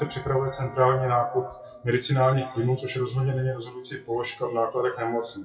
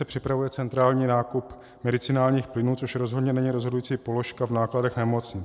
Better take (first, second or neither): second